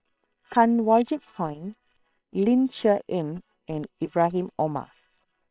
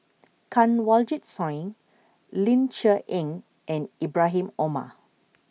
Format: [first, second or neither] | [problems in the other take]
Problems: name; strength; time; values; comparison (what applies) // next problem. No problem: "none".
second | noise reduction (neural separator model SepFormer WHAM!)